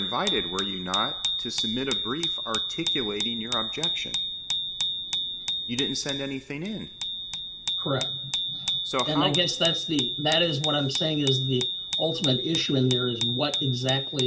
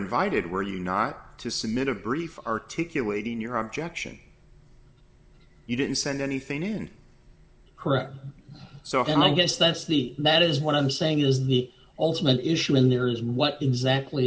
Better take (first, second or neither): second